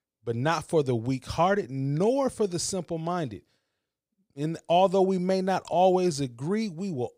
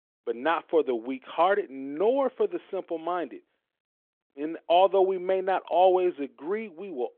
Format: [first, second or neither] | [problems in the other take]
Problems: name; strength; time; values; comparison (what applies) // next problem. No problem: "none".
first | phone-call audio